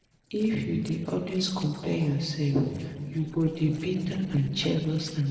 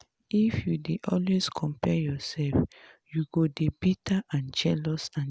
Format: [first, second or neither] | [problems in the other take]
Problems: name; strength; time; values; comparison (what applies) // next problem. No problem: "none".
second | noise reduction (neural separator model SepFormer DNS4)